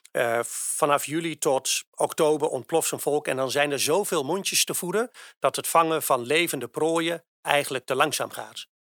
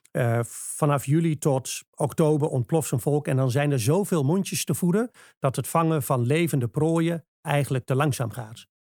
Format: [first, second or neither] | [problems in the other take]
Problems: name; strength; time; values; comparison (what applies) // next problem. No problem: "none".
second | thin; very; fading below 450 Hz